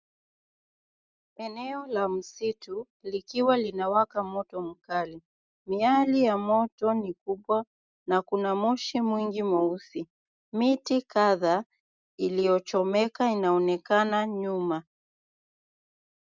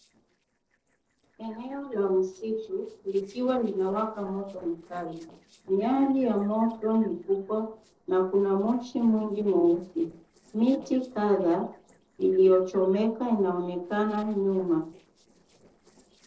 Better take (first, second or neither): first